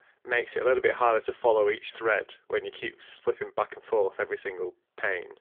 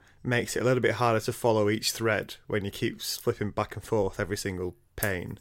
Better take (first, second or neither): second